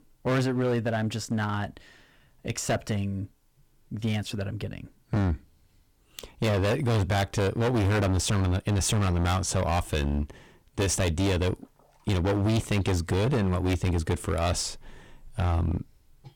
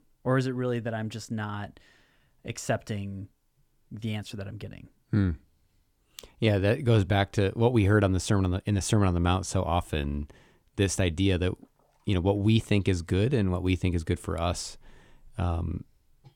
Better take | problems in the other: second | distortion; heavy; 17% of the sound clipped

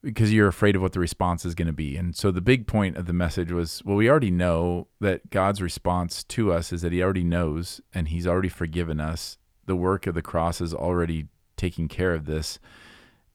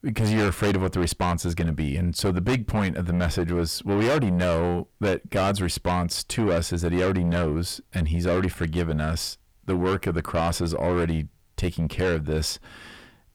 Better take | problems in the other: first | distortion; heavy; 6 dB below the speech

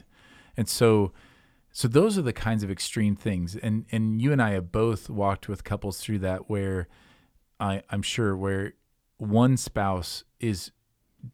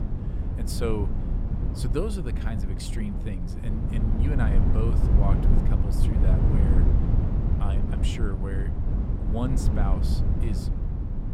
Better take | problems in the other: first | low rumble; loud; throughout; 1 dB below the speech

